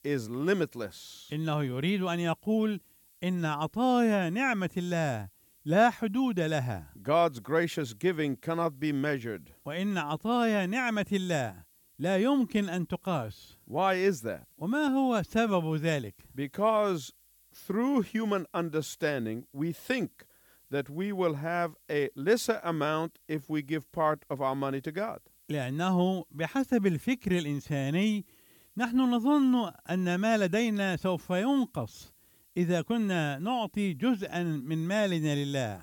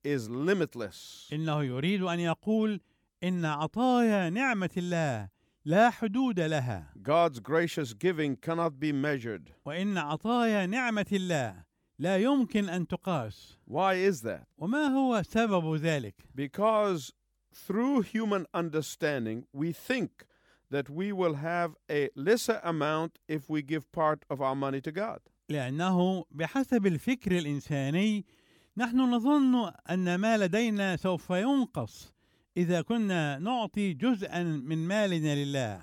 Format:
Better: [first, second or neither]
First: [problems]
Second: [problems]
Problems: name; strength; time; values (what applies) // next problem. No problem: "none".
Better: second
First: hiss; faint; throughout; 30 dB below the speech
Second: none